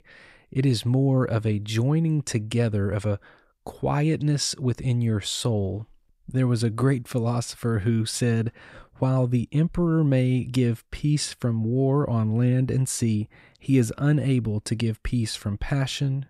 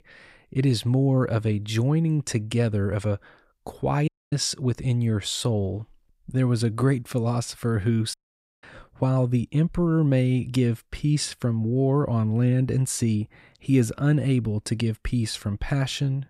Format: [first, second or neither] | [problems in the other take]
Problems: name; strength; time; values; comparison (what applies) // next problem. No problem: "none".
first | audio cutting out; at 4 s and at 8 s